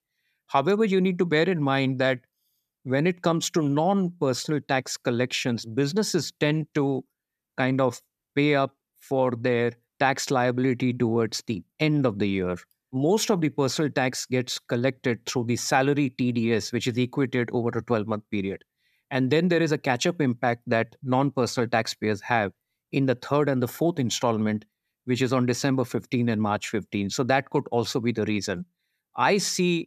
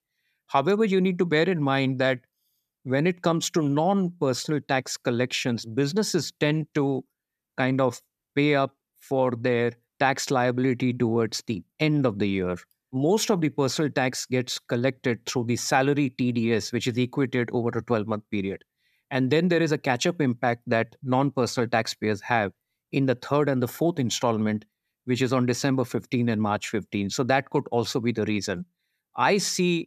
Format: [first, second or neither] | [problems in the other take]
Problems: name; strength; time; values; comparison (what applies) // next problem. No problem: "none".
neither | none